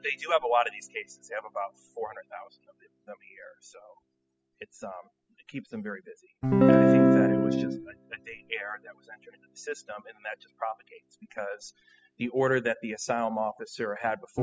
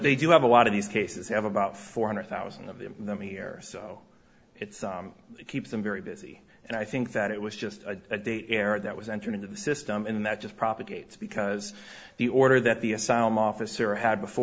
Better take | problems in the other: second | noise reduction (classical method spectral subtraction)

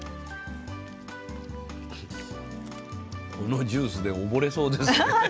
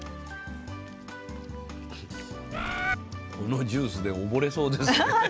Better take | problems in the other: first | background sound (Bird); as loud as the speech

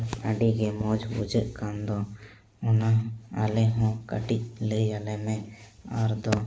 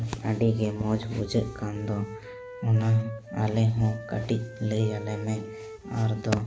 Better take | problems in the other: first | background sound (Wind instrument, woodwind instrument); 16 dB below the speech

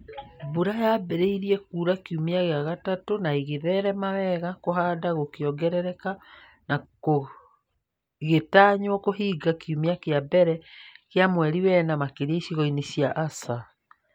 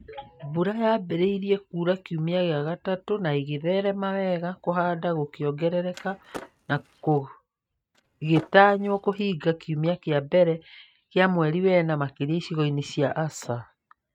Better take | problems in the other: first | noise reduction (neural mask model RNNoise)

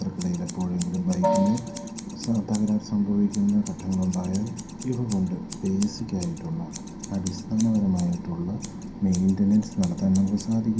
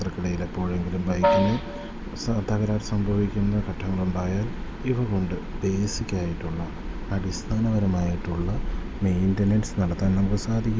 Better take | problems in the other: second | background sound (Scissors); 19 dB below the speech // room echo; dies away in 0.3 s

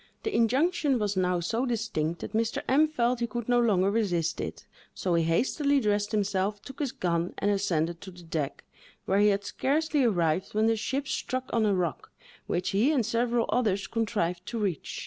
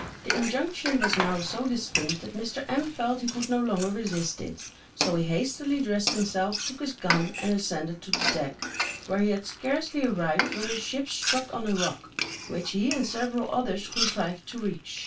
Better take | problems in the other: first | background sound (Frying (food)); 5 dB below the speech // room echo; dies away in 0.2 s

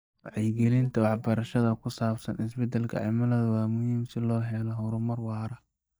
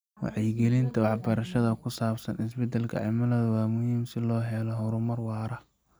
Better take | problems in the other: second | noise reduction (neural mask model DeepFilterNet 3)

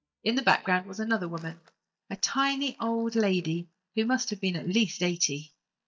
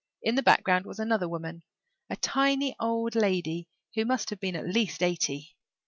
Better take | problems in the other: second | noise reduction (neural mask model DeepFilterNet 3)

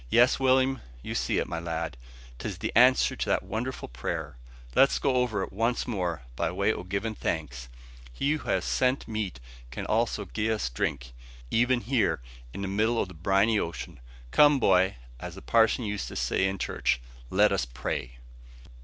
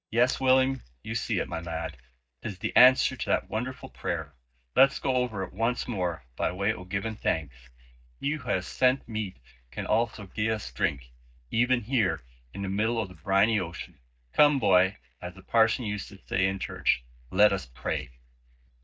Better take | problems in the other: first | noise reduction (neural mask model DeepFilterNet 3)

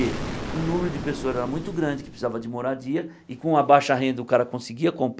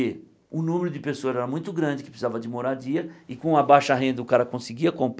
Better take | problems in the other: second | background sound (Explosion); 12 dB below the speech

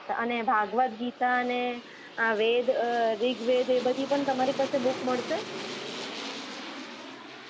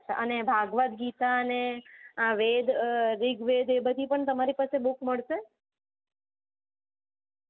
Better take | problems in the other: second | background sound (Aircraft); 11 dB below the speech

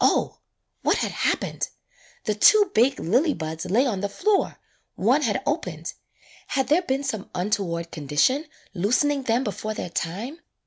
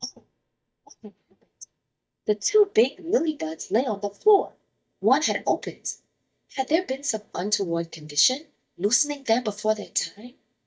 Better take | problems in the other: first | noise reduction (neural mask model DeepFilterNet 3)

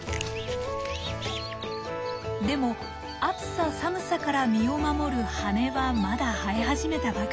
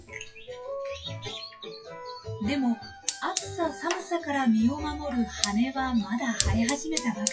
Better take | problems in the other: first | noise reduction (classical method WPE with log-MMSE)

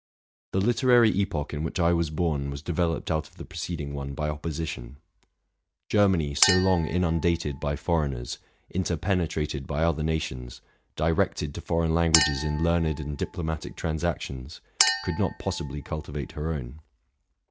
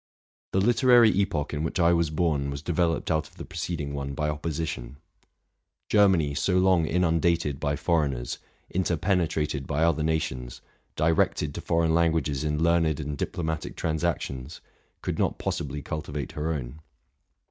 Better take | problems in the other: second | background sound (Chink, clink); 5 dB below the speech

